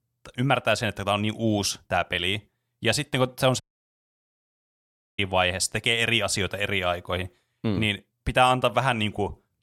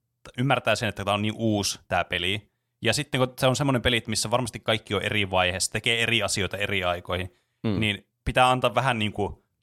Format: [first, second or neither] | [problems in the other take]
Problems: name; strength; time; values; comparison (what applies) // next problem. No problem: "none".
second | audio cutting out; at 3.5 s for 1.5 s